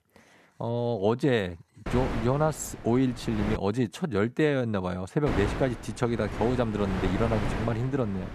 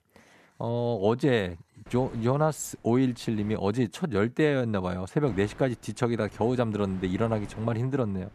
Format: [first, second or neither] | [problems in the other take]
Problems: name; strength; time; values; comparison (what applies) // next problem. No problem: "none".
second | wind noise on the microphone; heavy; from 2 to 3.5 s and from 5.5 s on; 7 dB below the speech; occasional gusts in the second